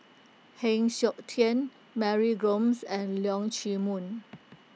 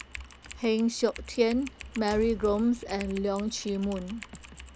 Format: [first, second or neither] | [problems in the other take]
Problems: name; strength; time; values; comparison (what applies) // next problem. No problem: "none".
first | background sound (Door + Typing); 15 dB below the speech